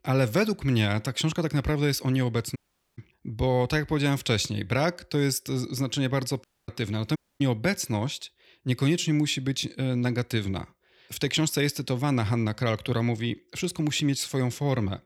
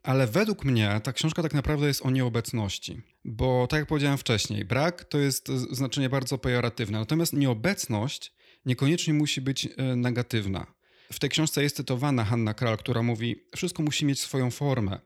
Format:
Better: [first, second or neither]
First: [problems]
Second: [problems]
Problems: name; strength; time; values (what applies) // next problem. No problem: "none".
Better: second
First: audio cutting out; at 2.5 s, at 6.5 s and at 7 s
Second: none